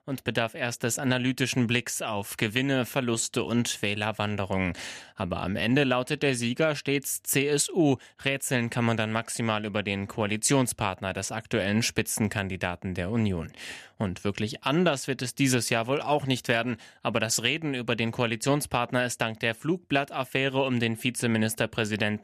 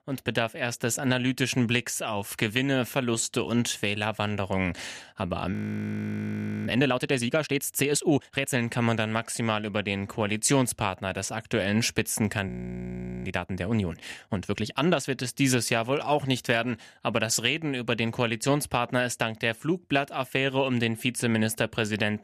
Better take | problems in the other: first | audio freezing; at 5.5 s for 1 s and at 12 s for 1 s

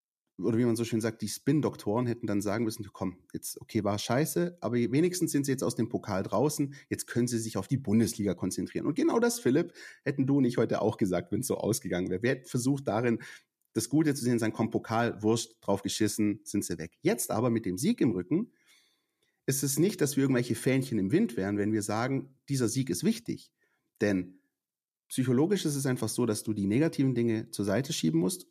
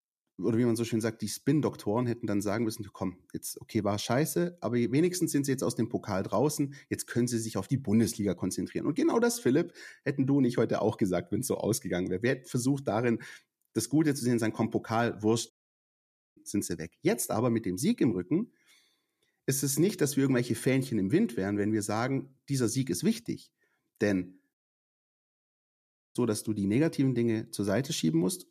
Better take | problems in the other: first | audio cutting out; at 16 s for 1 s and at 25 s for 1.5 s

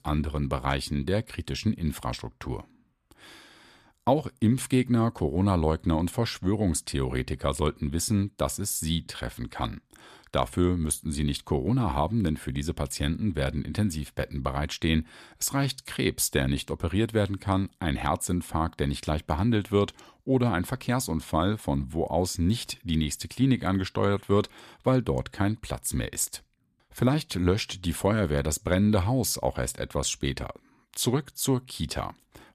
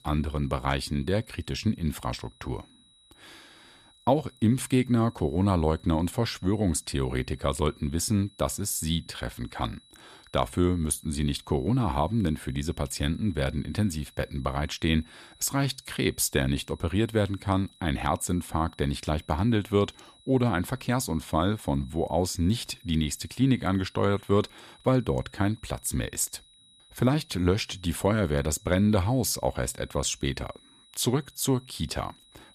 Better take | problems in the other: first | high-pitched whine; faint; throughout; 4 kHz, 30 dB below the speech

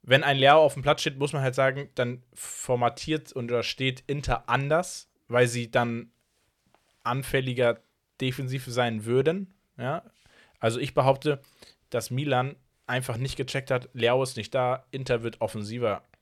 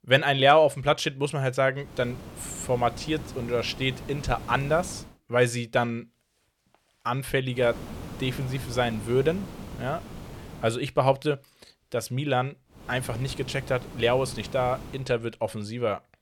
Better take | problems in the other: first | hiss; noticeable; from 2 to 5 s, from 7.5 to 11 s and from 13 to 15 s; 15 dB below the speech

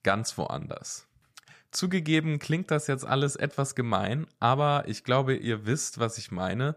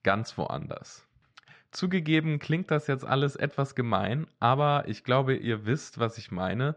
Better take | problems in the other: first | muffled; slightly; fading above 4 kHz

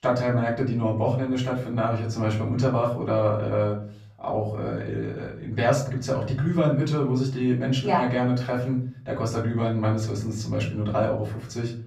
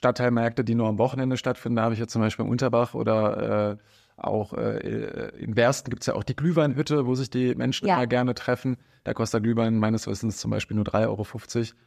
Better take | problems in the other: second | off-mic speech; far // room echo; slight; dies away in 0.6 s

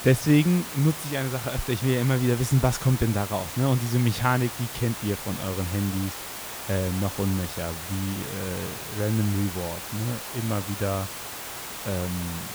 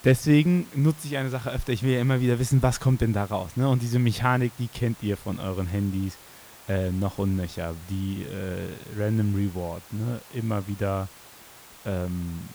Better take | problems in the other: second | hiss; loud; throughout; 7 dB below the speech; faint in the second

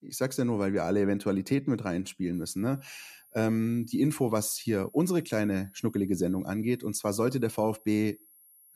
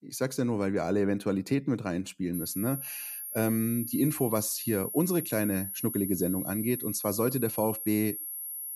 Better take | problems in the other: first | high-pitched whine; loud; from 2.5 s on; 11.5 kHz, 5 dB below the speech; faint in the first

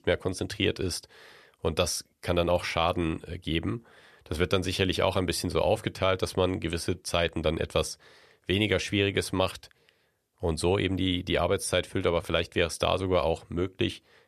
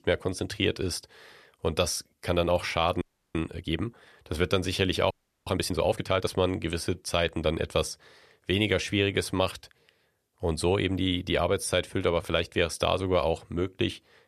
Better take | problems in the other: first | audio freezing; at 3 s and at 5 s

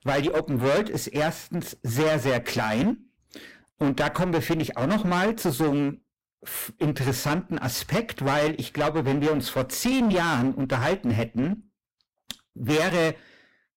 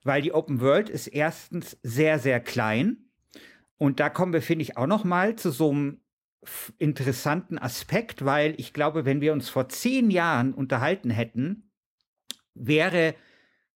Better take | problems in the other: second | distortion; heavy; 16% of the sound clipped

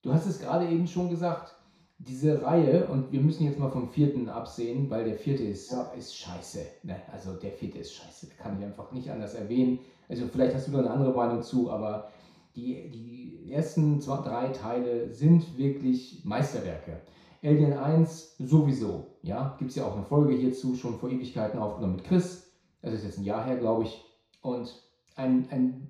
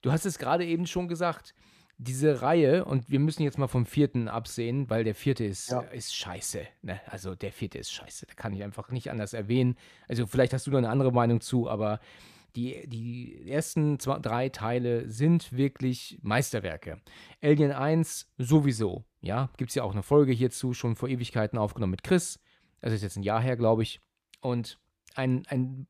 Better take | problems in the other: second | room echo; noticeable; dies away in 0.6 s // off-mic speech; far

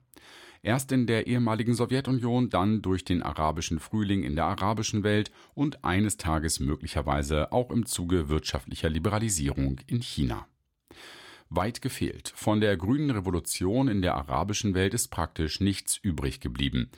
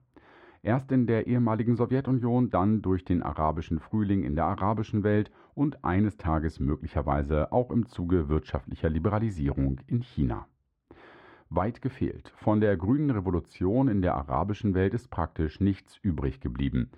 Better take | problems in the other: first | muffled; very; fading above 4 kHz

